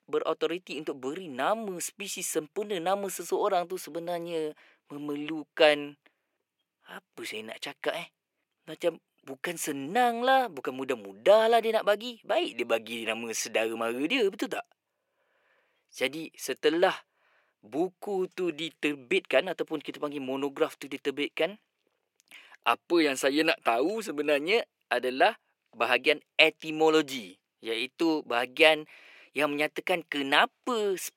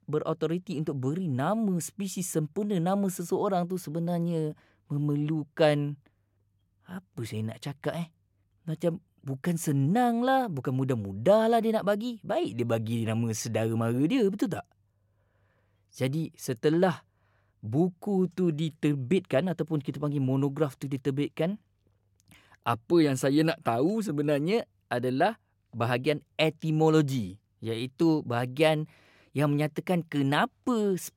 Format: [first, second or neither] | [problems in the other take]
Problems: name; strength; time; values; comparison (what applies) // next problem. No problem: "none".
second | thin; somewhat; fading below 350 Hz